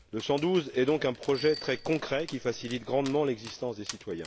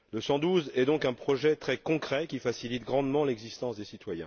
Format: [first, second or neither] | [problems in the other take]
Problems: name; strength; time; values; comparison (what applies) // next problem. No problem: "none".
second | background sound (Bicycle bell + Dog); 17 dB below the speech